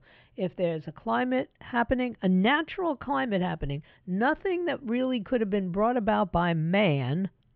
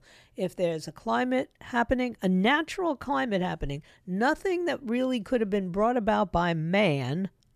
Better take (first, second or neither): second